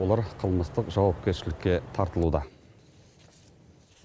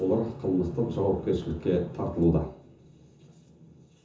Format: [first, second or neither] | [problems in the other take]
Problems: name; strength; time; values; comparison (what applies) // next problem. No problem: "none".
first | room echo; dies away in 0.6 s